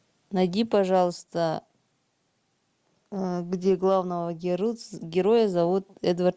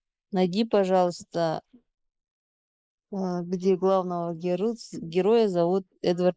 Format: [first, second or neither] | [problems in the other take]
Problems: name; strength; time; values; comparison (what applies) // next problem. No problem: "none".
first | noise reduction (neural mask model Resemble Enhance denoiser)